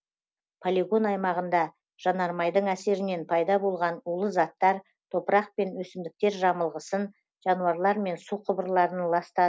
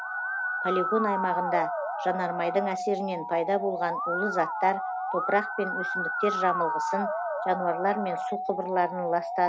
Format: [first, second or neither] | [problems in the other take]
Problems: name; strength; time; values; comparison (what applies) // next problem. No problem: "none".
first | background sound (Musical instrument); 2 dB below the speech